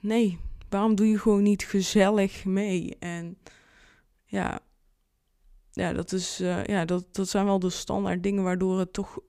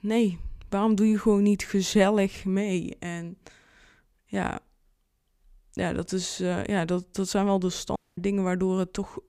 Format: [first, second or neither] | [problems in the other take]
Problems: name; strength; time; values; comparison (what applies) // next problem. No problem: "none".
first | audio cutting out; at 8 s